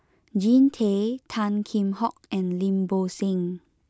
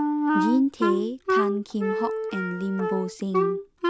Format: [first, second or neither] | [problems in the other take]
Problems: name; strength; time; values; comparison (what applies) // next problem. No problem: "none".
first | background sound (Wind instrument, woodwind instrument); 2 dB above the speech